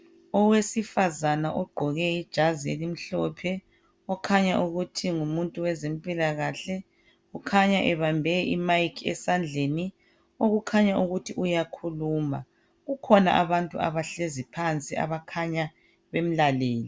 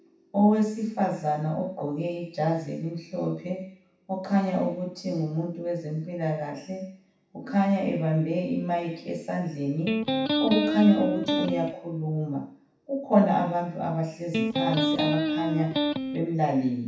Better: first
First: none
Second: background sound (Electric guitar); 1 dB above the speech // room echo; dies away in 0.7 s

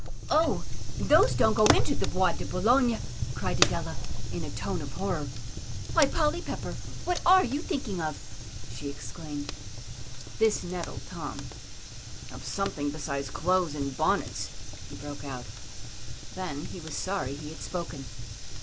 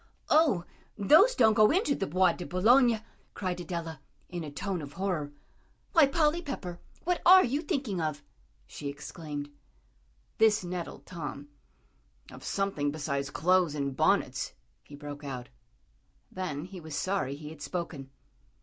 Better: second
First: background sound (Fire); 1 dB below the speech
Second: none

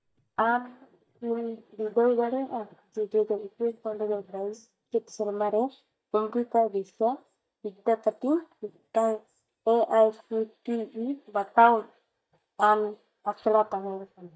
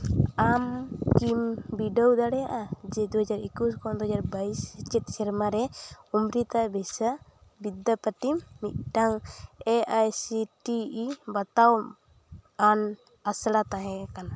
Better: second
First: noise reduction (neural mask model DeepFilterNet 3)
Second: none

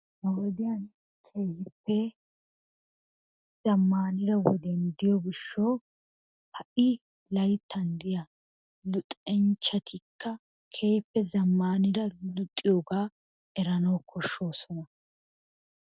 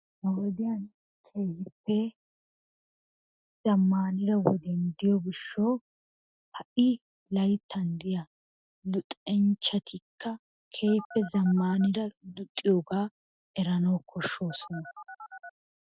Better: first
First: none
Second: noise reduction (classical method Wiener filter)

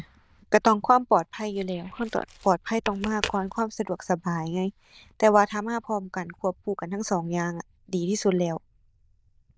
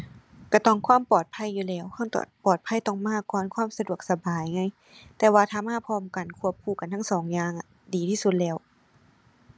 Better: second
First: noise reduction (neural diffusion model UNIVERSE++)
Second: none

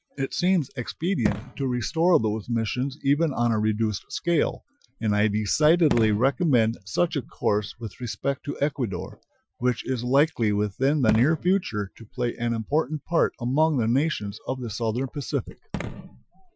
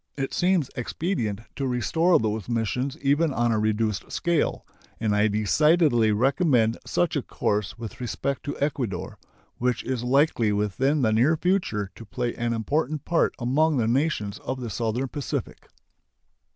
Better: second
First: noise reduction (classical method Wiener filter)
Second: none

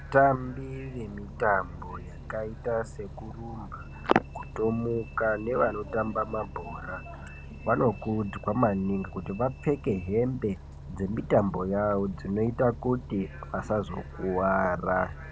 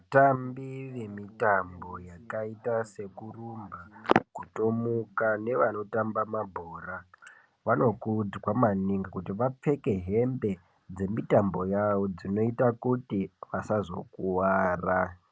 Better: second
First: background sound (Bus); 13 dB below the speech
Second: none

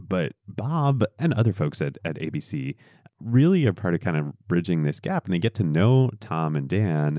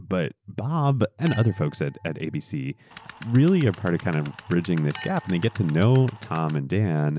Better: first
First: none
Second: background sound (Chink, clink + Tools); 20 dB below the speech

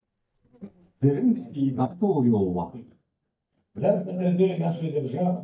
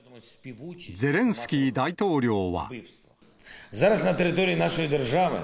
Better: second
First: noise reduction (neural mask model DeepFilterNet 3)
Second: none

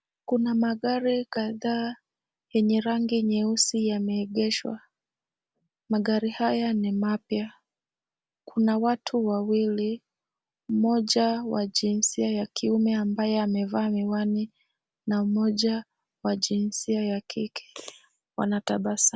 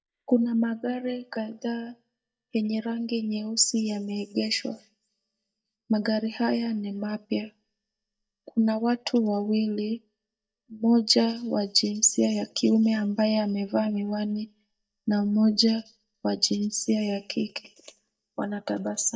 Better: first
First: none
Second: noise reduction (neural mask model DeepFilterNet 3)

